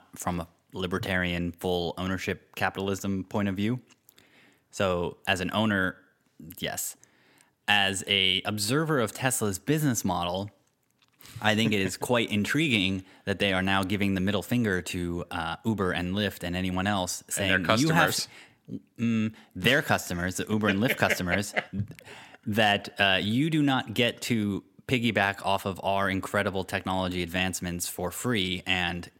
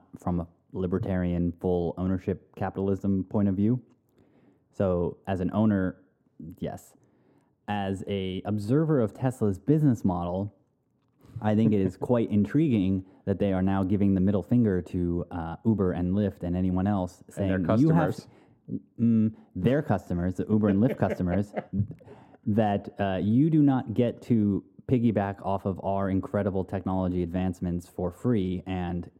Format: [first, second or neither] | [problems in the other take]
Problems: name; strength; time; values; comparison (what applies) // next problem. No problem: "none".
first | muffled; very; fading above 1 kHz